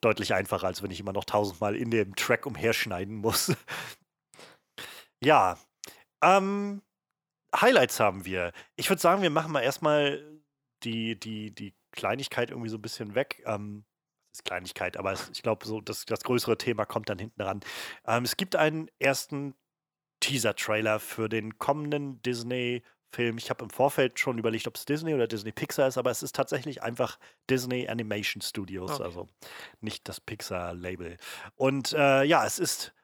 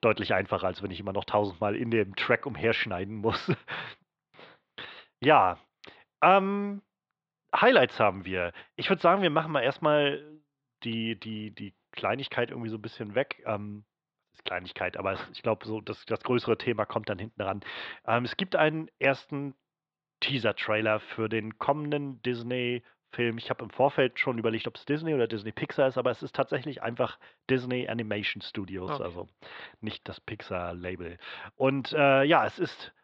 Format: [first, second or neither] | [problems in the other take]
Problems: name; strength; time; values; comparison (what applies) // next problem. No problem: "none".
first | muffled; slightly; fading above 4 kHz